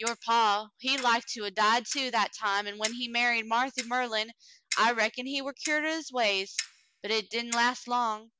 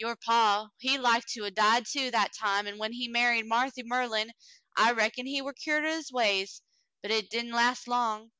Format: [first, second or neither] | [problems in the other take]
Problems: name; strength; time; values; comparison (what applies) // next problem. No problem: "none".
second | background sound (Clock); 14 dB below the speech